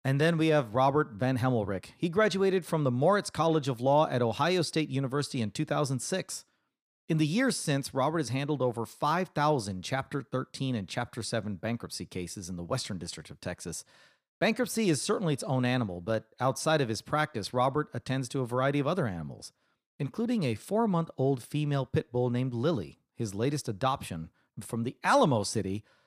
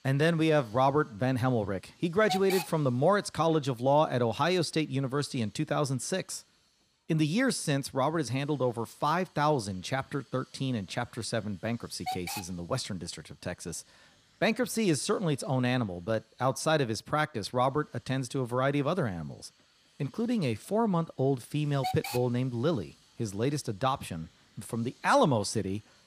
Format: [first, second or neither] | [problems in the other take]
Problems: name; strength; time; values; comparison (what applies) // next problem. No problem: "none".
first | hiss; loud; throughout; 10 dB below the speech